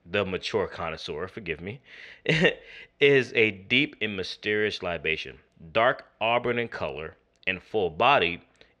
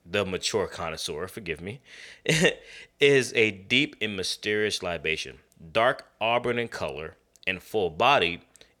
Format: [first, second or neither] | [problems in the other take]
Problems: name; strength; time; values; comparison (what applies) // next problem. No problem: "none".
second | muffled; slightly; fading above 3 kHz